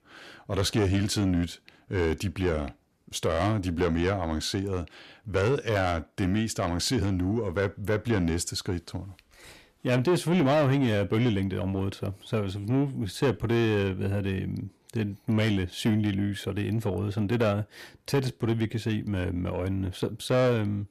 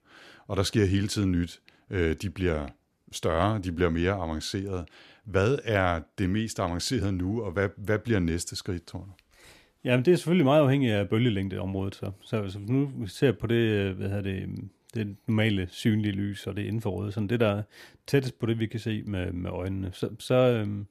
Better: second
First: distortion; slight; 10 dB below the speech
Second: none

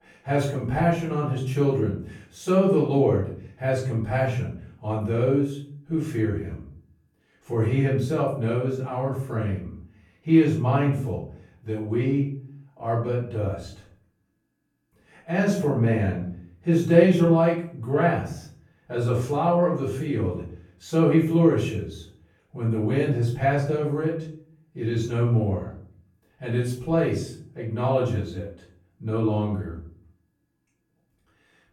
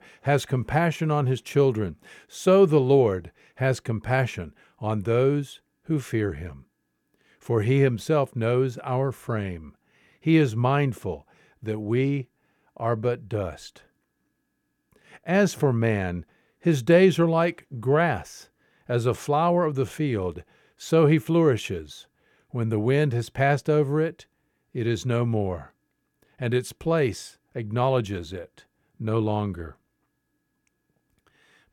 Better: second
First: off-mic speech; far // room echo; noticeable; dies away in 0.5 s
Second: none

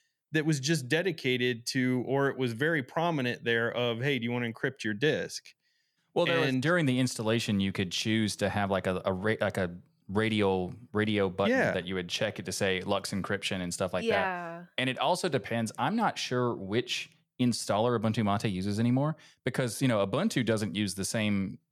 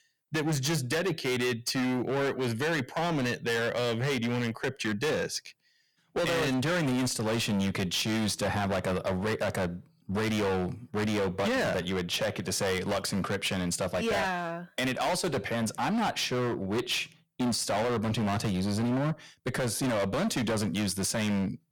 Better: first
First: none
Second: distortion; heavy; 25% of the sound clipped

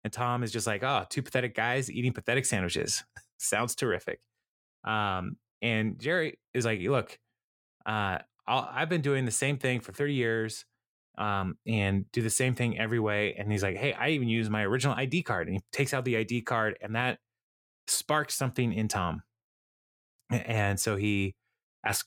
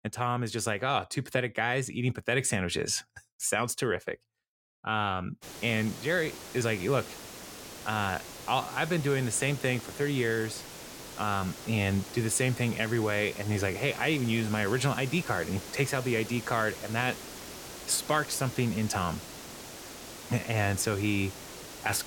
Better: first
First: none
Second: hiss; noticeable; from 5.5 s on; 10 dB below the speech

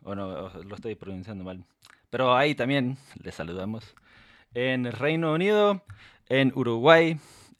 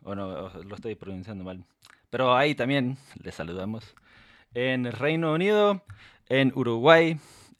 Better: neither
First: none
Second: none

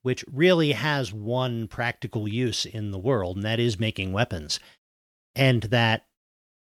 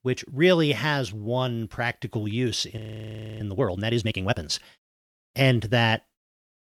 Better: first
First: none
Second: audio freezing; at 3 s for 0.5 s

